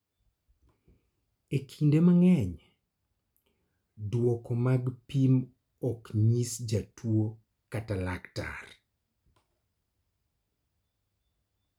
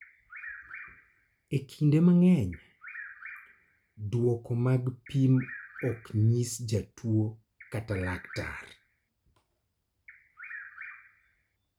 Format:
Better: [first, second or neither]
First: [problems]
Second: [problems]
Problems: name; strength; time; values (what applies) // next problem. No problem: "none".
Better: first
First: none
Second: background sound (Bird vocalization, bird call, bird song); 19 dB below the speech